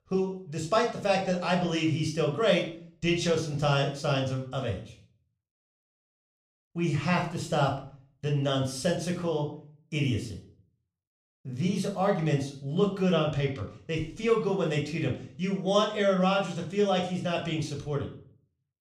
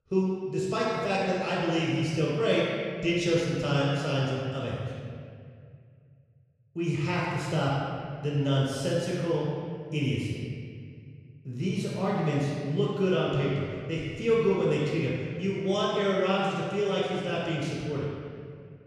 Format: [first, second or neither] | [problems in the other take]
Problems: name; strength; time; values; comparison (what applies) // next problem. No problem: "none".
first | room echo; strong; dies away in 2 s; slight in the first // off-mic speech; far; somewhat distant in the first